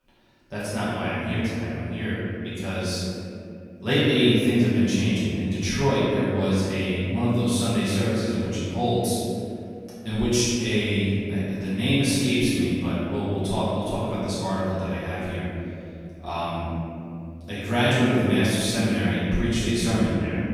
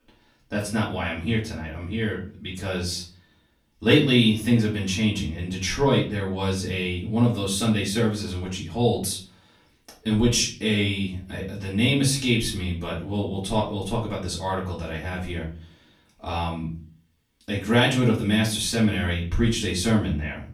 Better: second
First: room echo; strong; dies away in 2.8 s // off-mic speech; far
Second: room echo; slight; dies away in 0.4 s // off-mic speech; far

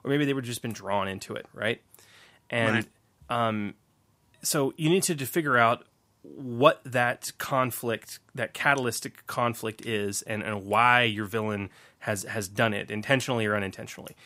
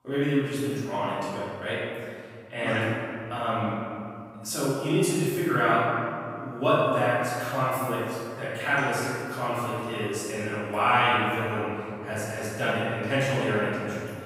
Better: first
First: none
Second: off-mic speech; far // room echo; strong; dies away in 2.2 s

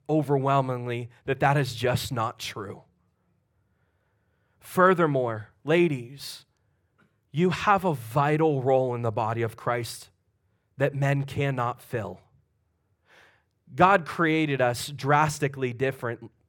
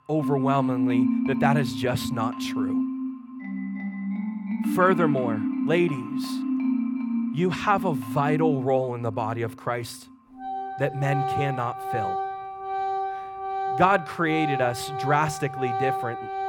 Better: first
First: none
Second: background music; loud; throughout; 3 dB below the speech

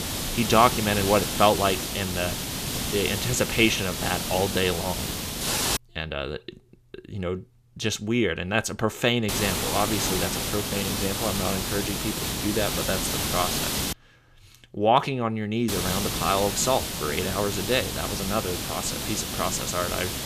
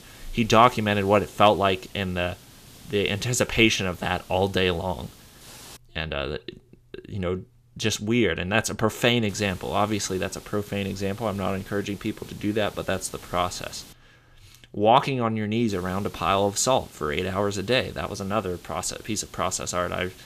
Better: second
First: hiss; loud; until 6 s, from 9.5 to 14 s and from 16 s on; 2 dB below the speech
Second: hiss; faint; until 6 s, from 9.5 to 14 s and from 16 s on; 20 dB below the speech

